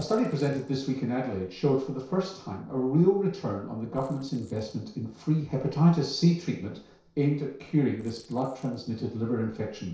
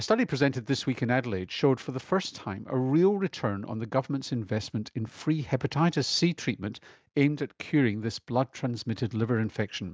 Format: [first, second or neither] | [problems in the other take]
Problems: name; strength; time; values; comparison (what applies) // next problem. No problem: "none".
second | noise reduction (neural separator model SepFormer DNS4)